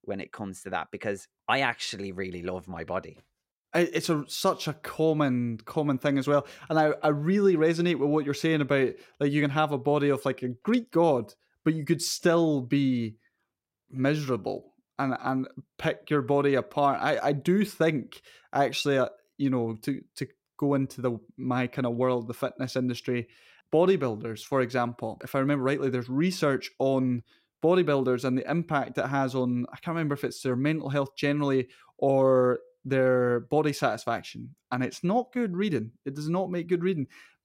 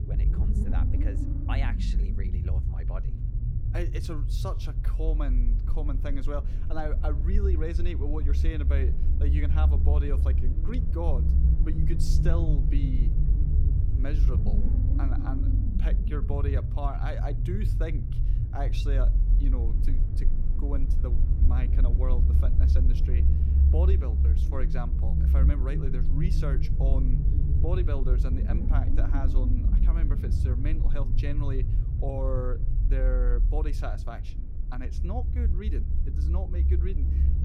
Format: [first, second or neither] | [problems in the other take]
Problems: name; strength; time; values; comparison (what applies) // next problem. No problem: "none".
first | low rumble; loud; throughout; 4 dB below the speech